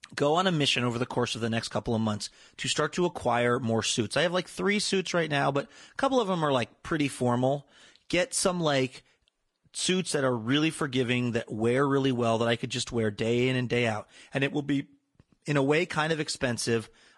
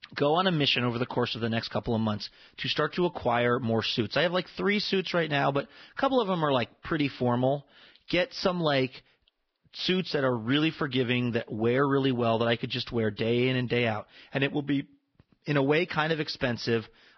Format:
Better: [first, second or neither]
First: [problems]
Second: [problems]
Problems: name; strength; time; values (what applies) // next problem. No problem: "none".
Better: first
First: garbled, watery; slightly; nothing above 10.5 kHz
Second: garbled, watery; badly; nothing above 5.5 kHz